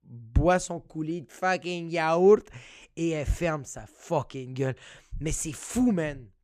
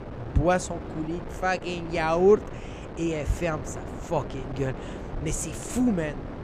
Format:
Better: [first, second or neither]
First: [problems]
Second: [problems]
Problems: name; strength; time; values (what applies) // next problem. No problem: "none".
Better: first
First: none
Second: wind noise on the microphone; occasional gusts; 10 dB below the speech